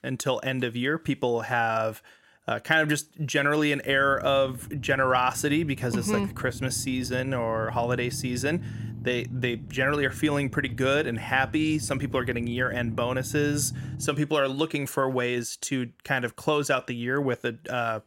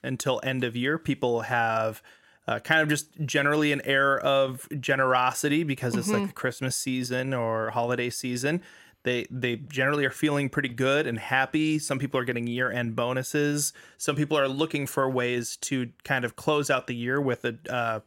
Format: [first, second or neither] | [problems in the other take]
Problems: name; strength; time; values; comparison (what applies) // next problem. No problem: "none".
second | low rumble; faint; from 4 to 14 s; 20 dB below the speech